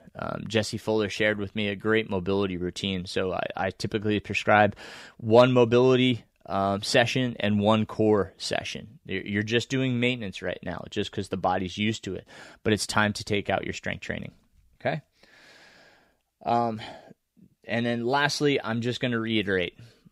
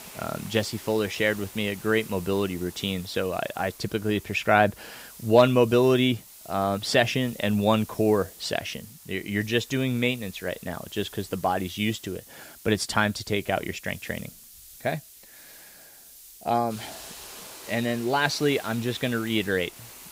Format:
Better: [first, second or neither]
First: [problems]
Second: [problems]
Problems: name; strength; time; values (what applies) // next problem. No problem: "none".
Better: first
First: none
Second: hiss; noticeable; throughout; 20 dB below the speech